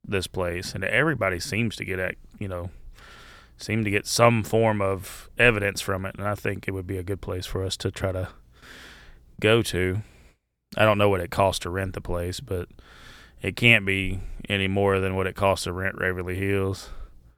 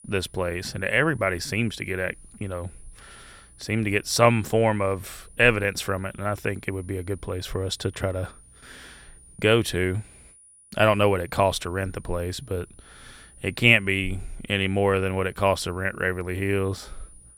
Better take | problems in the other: first | high-pitched whine; faint; throughout; 9.5 kHz, 25 dB below the speech

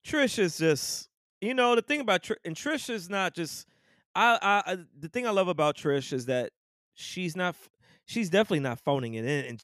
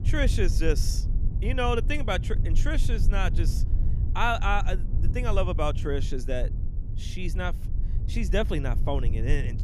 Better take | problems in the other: first | low rumble; noticeable; throughout; 15 dB below the speech

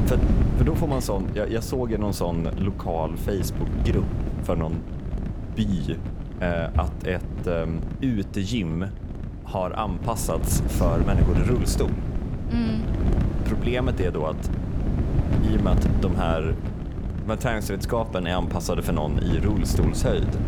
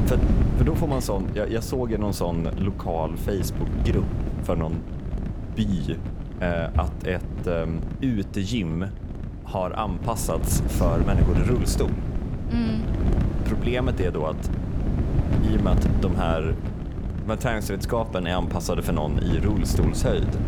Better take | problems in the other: neither | wind noise on the microphone; heavy; 7 dB below the speech; the same in both

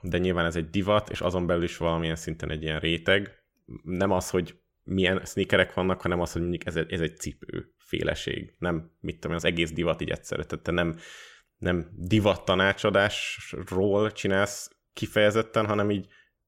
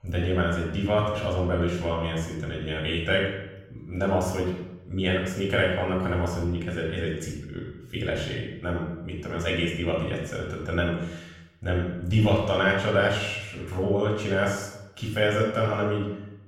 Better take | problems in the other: first | off-mic speech; far // room echo; noticeable; dies away in 0.8 s

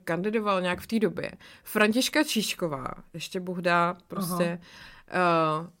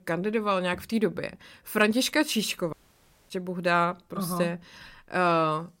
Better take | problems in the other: first | audio cutting out; at 2.5 s for 0.5 s

